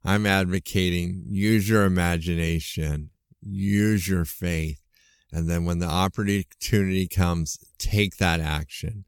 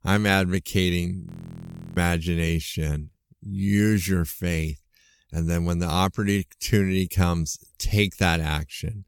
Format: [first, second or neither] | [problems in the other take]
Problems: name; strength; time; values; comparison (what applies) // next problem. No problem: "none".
first | audio freezing; at 1.5 s for 0.5 s